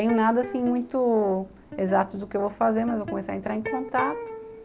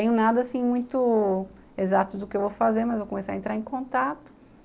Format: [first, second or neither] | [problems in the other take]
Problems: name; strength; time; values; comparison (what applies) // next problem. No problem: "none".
second | background sound (Electric guitar); 12 dB below the speech